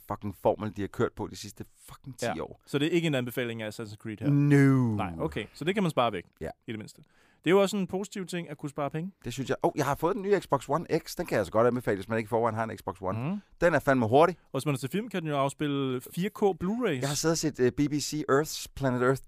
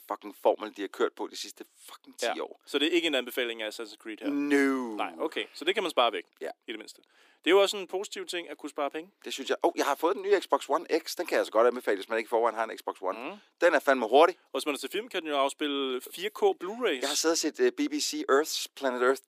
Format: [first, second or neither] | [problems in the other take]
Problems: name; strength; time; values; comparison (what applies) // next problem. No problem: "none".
first | thin; somewhat; fading below 300 Hz